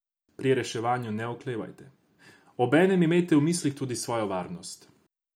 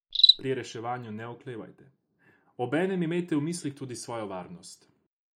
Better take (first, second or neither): first